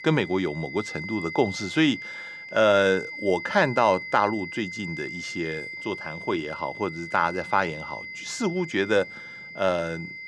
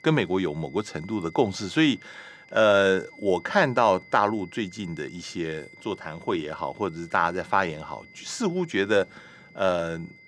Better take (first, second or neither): second